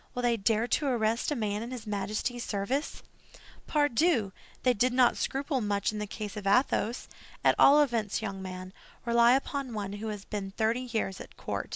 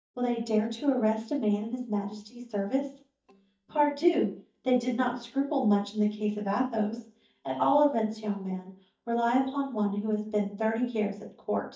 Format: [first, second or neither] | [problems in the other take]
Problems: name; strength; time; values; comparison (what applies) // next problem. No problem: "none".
first | noise reduction (neural mask model DeepFilterNet 3)